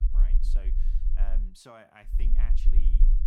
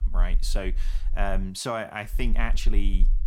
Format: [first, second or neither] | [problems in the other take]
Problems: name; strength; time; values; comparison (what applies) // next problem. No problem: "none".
second | low rumble; loud; until 1.5 s and from 2 s on; 4 dB below the speech; faint in the second